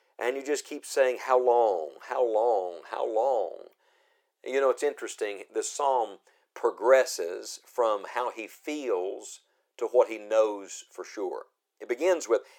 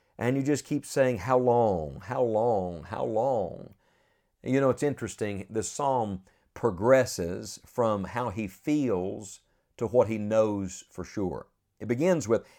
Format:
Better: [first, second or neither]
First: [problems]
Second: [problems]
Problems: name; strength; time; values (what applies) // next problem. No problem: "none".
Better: second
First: thin; very; fading below 350 Hz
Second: none